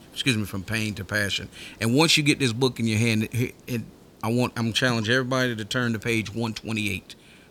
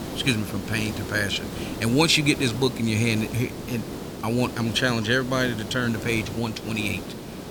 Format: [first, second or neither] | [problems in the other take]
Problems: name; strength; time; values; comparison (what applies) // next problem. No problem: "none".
first | hiss; loud; throughout; 9 dB below the speech; faint in the first